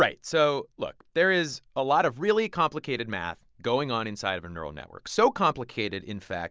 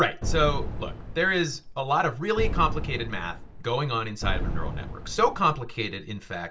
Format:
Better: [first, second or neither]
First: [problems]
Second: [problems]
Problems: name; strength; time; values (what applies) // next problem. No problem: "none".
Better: first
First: none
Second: background sound (Boom); 3 dB below the speech // room echo; dies away in 0.2 s